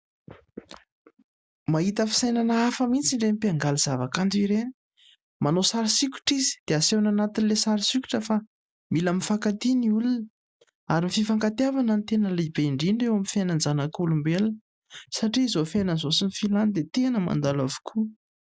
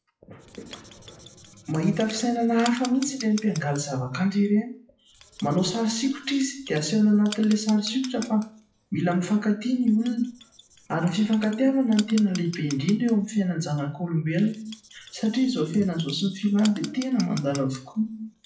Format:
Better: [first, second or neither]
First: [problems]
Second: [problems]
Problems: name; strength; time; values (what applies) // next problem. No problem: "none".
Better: first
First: none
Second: noise reduction (classical method WPE with log-MMSE)